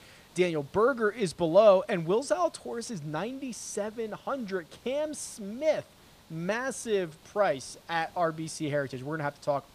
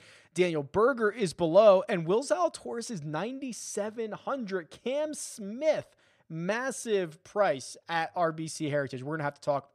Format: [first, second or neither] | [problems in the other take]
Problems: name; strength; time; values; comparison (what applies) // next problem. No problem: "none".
second | hiss; faint; throughout; 25 dB below the speech